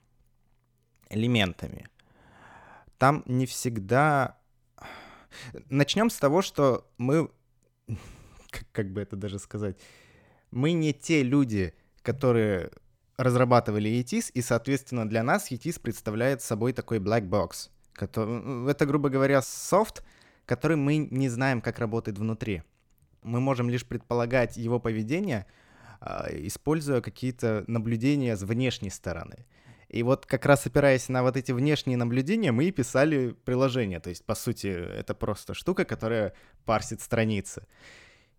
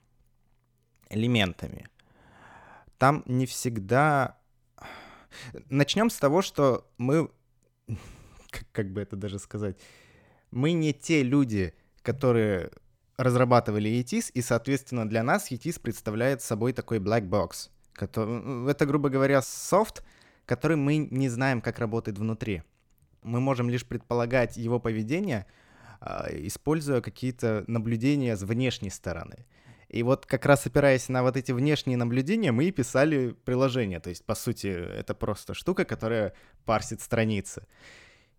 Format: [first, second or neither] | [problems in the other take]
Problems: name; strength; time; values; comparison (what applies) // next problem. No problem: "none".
neither | none